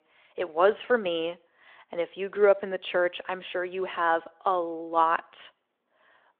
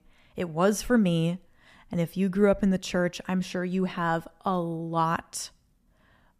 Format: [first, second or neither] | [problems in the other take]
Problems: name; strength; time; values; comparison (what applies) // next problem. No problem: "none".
second | phone-call audio